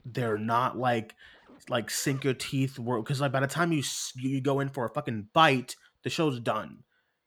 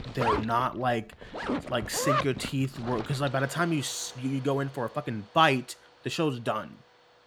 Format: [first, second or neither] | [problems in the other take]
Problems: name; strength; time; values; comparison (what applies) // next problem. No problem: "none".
first | household noises; loud; throughout; 5 dB below the speech; faint in the first